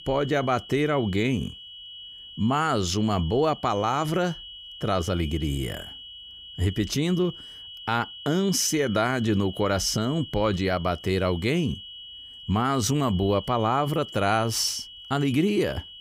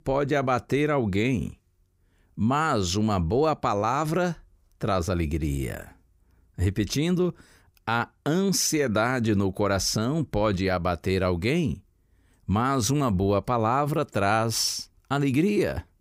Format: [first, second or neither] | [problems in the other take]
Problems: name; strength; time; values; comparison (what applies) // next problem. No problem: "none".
second | high-pitched whine; noticeable; throughout; 3 kHz, 15 dB below the speech